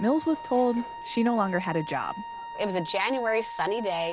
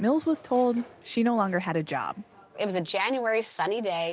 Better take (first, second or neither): second